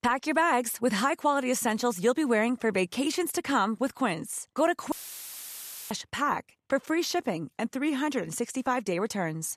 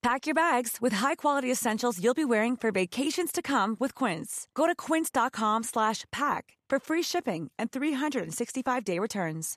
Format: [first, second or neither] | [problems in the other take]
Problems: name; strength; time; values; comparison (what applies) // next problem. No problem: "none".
second | audio cutting out; filled with static; at 5 s for 1 s